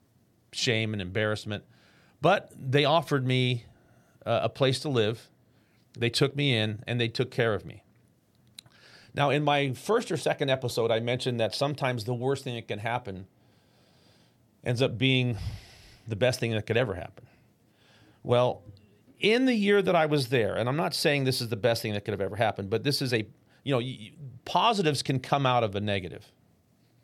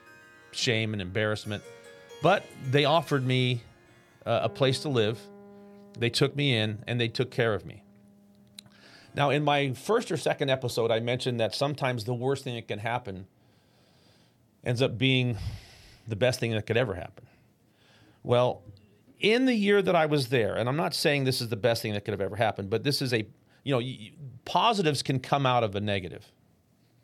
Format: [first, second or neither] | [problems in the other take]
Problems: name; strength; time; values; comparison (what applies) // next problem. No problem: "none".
first | background music; faint; until 11 s; 25 dB below the speech